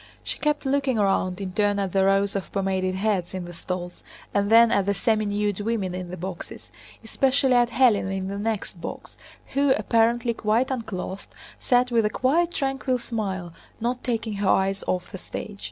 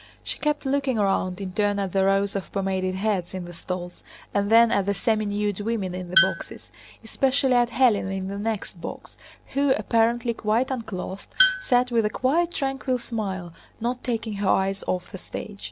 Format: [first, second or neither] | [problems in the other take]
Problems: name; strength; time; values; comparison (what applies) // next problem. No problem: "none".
first | background sound (Tools); 7 dB below the speech